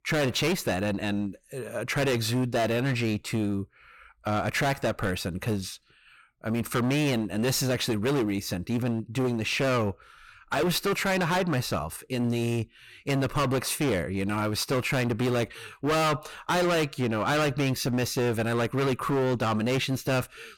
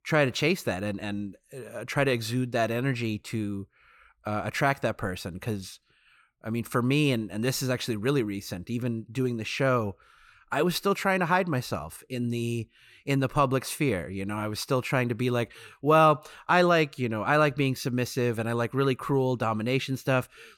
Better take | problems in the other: second | distortion; heavy; 19% of the sound clipped

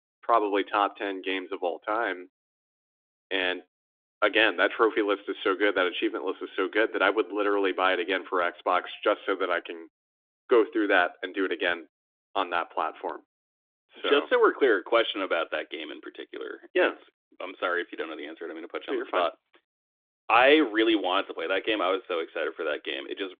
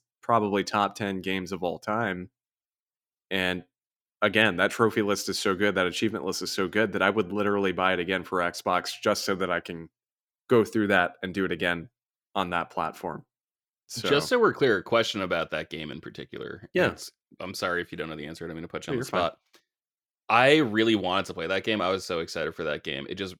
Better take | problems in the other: second | phone-call audio; nothing above 3.5 kHz

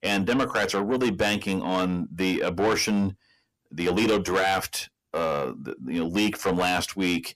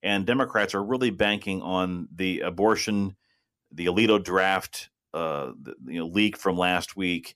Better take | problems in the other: second | distortion; heavy; 6 dB below the speech

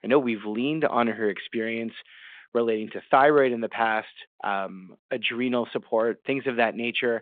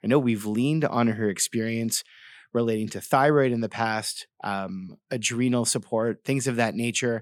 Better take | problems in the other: second | phone-call audio

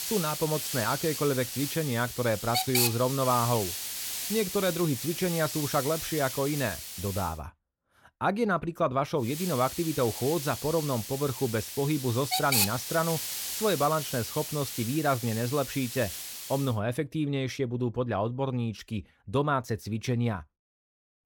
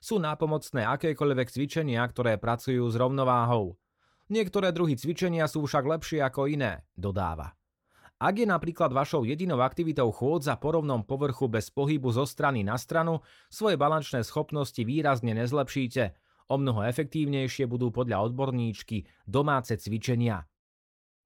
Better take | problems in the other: second | hiss; loud; until 7.5 s and from 9.5 to 17 s; 3 dB below the speech

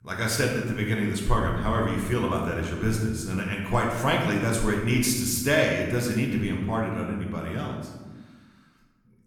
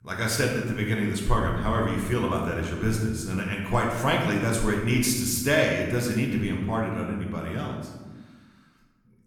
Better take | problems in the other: neither | room echo; noticeable; dies away in 1.1 s; the same in both // off-mic speech; somewhat distant; the same in both

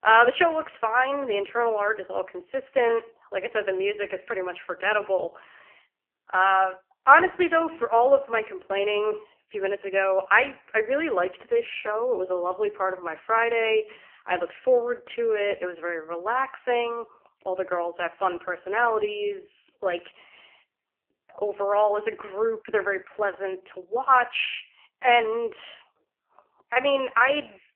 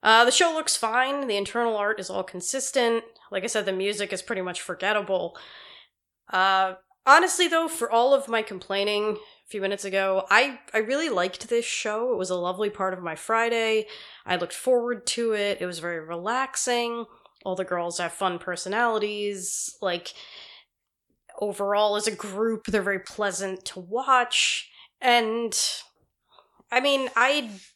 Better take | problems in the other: second | phone-call audio; poor line; nothing above 3 kHz

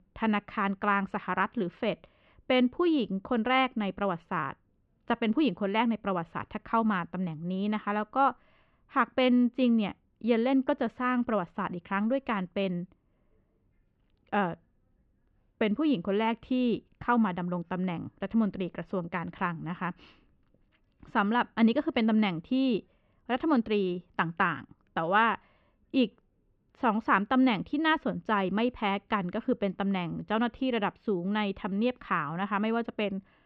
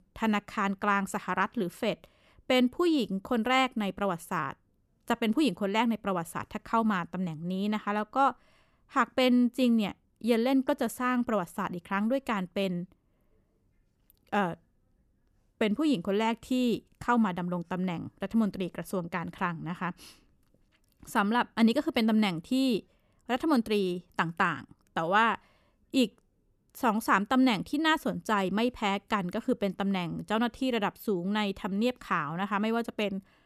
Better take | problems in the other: second | muffled; slightly; fading above 3 kHz

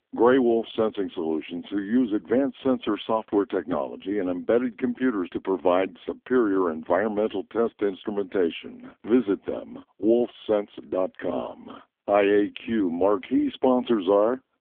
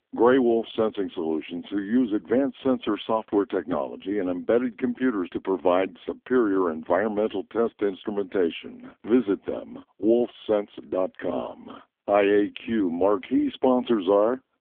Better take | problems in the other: neither | phone-call audio; poor line; nothing above 3.5 kHz; the same in both

